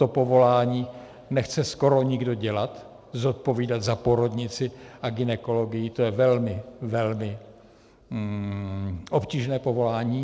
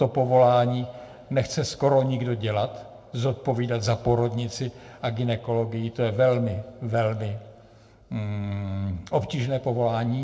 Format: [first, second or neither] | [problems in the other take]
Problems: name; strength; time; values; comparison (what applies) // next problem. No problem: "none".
first | room echo; dies away in 0.7 s